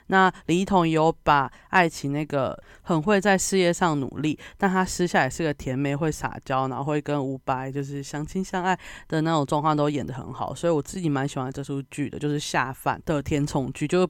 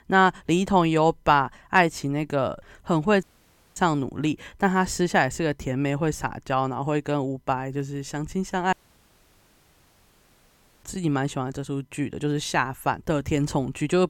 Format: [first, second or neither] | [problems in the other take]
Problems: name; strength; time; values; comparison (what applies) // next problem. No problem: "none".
first | audio cutting out; at 3 s for 0.5 s and at 8.5 s for 2 s